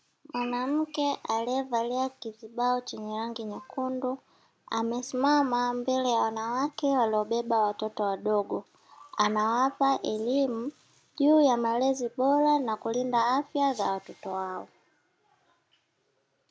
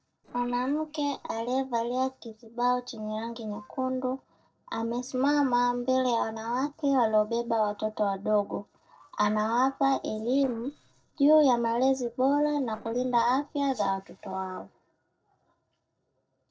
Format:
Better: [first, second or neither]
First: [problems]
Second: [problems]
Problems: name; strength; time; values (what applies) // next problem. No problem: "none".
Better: first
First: none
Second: noise reduction (neural separator model SepFormer DNS4)